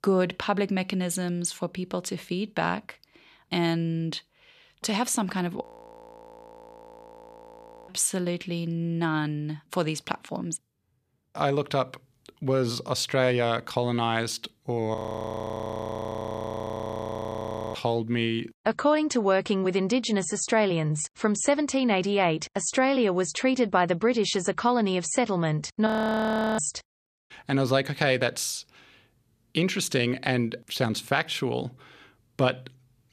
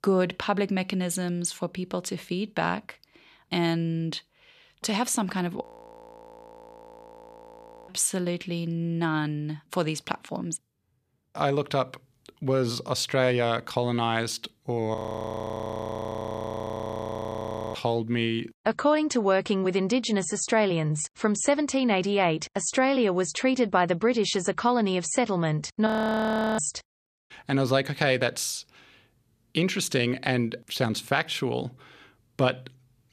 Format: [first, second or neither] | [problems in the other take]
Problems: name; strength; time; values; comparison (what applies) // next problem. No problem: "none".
neither | audio freezing; at 5.5 s for 2.5 s, at 15 s for 3 s and at 26 s for 0.5 s; the same in both